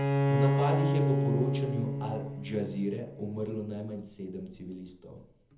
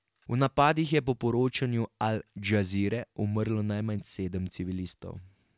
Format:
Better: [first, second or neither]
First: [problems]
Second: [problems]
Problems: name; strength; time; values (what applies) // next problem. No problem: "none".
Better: second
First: background sound (Bowed string instrument); 4 dB above the speech // room echo; dies away in 0.7 s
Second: none